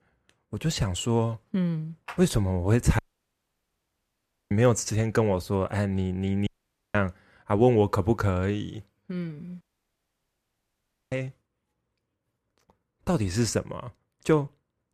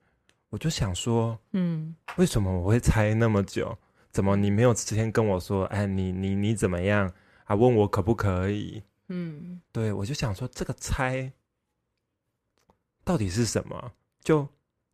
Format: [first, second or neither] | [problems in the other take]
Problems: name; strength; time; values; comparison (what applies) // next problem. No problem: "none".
second | audio cutting out; at 3 s for 1.5 s, at 6.5 s and at 9.5 s for 1.5 s